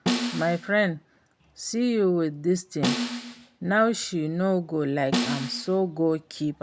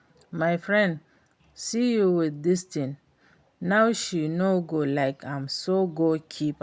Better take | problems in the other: second | background sound (Snare drum); 4 dB below the speech

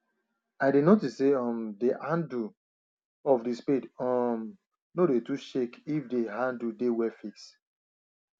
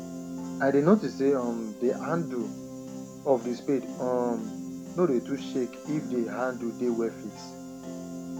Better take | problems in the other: first | background sound (Piano); 9 dB below the speech

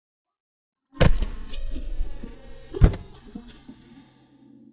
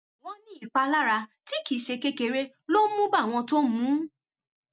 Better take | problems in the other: second | noise reduction (neural mask model DeepFilterNet 3)

